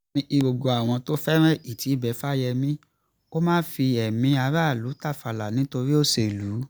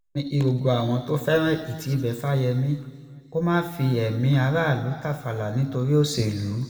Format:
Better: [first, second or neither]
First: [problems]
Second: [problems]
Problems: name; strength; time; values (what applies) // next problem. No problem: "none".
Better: first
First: none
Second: room echo; dies away in 1.9 s